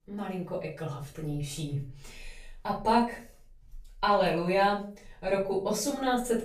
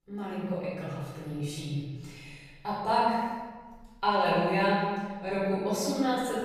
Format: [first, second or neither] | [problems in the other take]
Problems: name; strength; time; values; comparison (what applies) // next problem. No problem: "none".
first | room echo; strong; dies away in 1.3 s; slight in the first // off-mic speech; far; far in the first